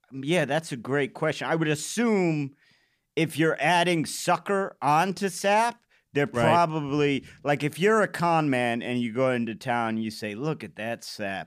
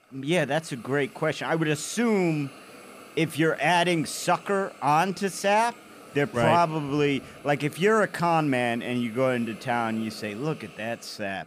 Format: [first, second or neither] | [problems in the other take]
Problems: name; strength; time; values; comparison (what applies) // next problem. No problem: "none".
first | hiss; faint; throughout; 20 dB below the speech